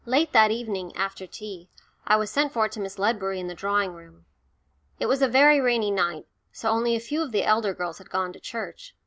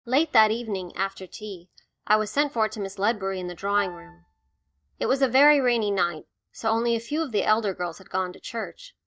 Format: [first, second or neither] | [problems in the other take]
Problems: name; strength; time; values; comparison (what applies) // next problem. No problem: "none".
first | noise reduction (neural mask model DeepFilterNet 3)